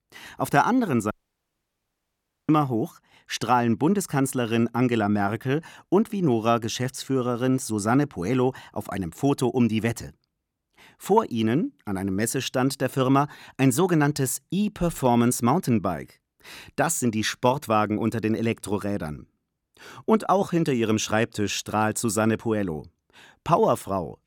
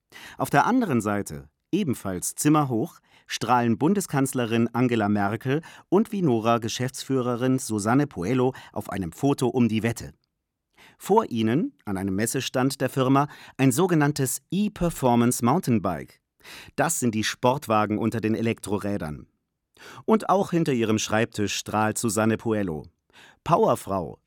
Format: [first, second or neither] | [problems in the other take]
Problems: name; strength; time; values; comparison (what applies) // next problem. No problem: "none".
second | audio cutting out; at 1 s for 1.5 s